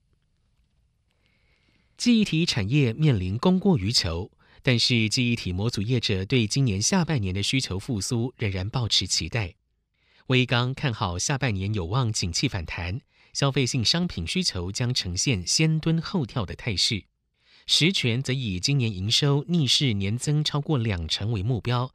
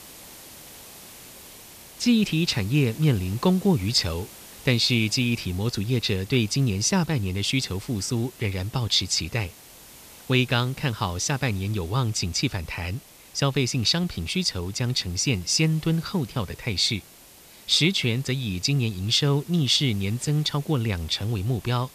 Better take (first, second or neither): first